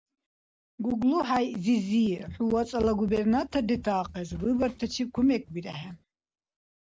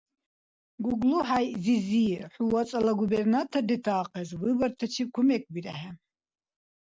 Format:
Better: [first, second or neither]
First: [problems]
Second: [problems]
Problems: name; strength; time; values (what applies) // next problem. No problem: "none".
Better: second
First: background sound (Run); 17 dB below the speech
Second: none